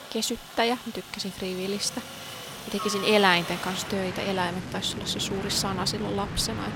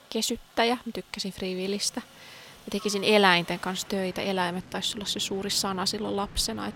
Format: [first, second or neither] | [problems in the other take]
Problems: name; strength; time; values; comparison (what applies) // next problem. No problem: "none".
second | train or aircraft noise; loud; throughout; 9 dB below the speech; faint in the second